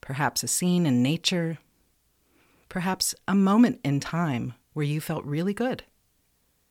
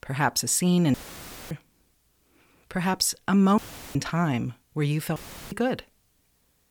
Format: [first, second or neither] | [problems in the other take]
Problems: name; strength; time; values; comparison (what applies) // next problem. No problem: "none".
first | audio cutting out; filled with static; at 1 s for 0.5 s, at 3.5 s and at 5 s